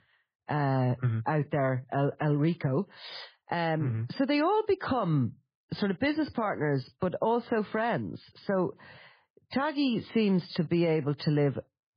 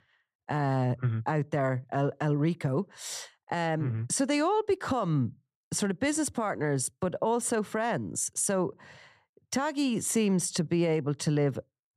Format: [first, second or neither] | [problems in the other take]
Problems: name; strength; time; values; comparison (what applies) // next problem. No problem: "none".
second | garbled, watery; badly; nothing above 5 kHz